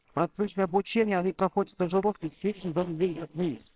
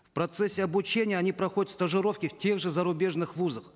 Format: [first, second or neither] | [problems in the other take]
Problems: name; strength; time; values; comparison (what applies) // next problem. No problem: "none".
second | noise reduction (neural separator model SepFormer WHAMR!)